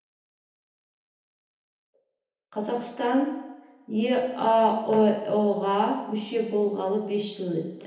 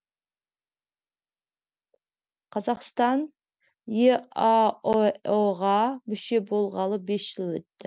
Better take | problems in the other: second | room echo; dies away in 0.9 s

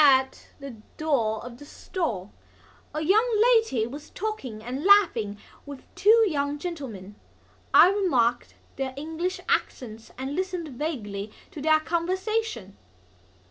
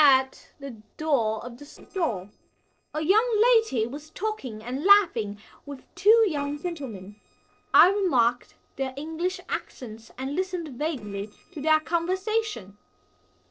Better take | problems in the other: first | noise reduction (neural separator model SepFormer DNS4)

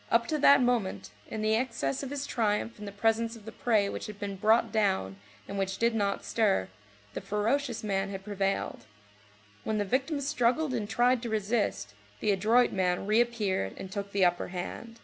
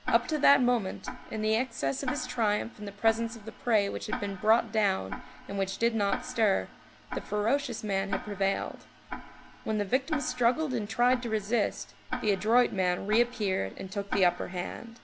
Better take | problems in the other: first | background sound (Tick-tock); 12 dB below the speech

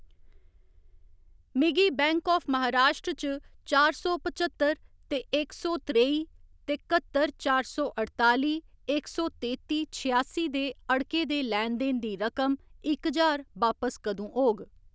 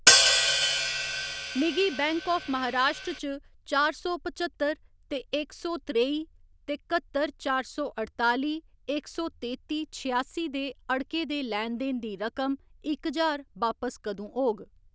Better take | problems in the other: first | background sound (Hi-hat); 5 dB above the speech

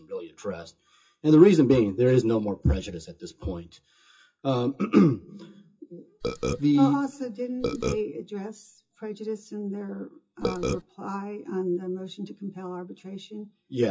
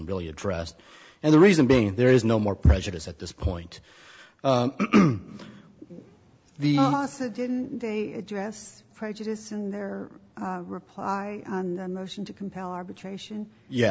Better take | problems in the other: second | noise reduction (classical method WPE with log-MMSE)

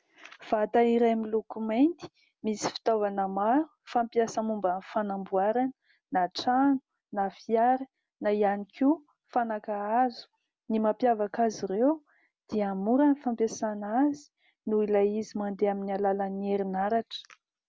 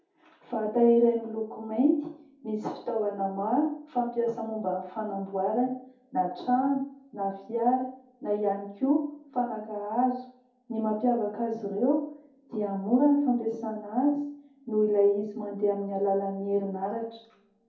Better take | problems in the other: first | room echo; dies away in 0.6 s

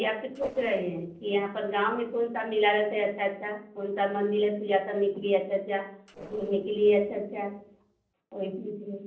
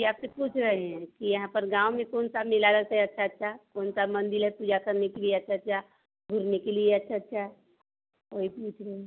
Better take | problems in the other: second | noise reduction (neural separator model SepFormer DNS4)

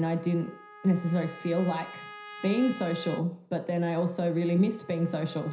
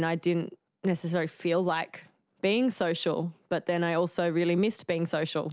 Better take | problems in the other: second | background sound (Trumpet); 18 dB below the speech // room echo; dies away in 0.5 s

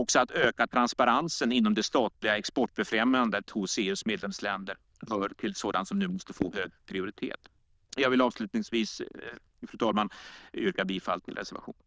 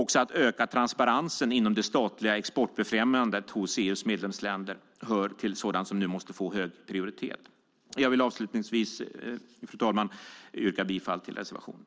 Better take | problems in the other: second | noise reduction (neural diffusion model UNIVERSE++)

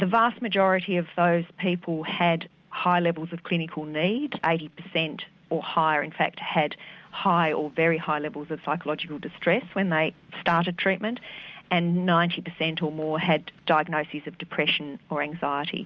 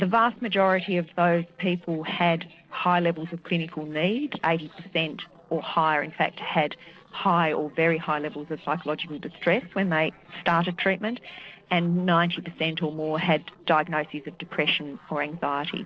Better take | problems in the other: first | noise reduction (neural separator model SepFormer DNS4)

